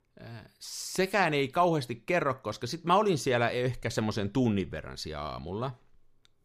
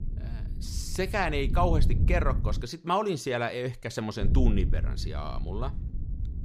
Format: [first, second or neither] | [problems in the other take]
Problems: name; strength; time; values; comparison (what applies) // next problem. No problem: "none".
first | wind noise on the microphone; occasional gusts; until 2.5 s and from 4 s on; 15 dB below the speech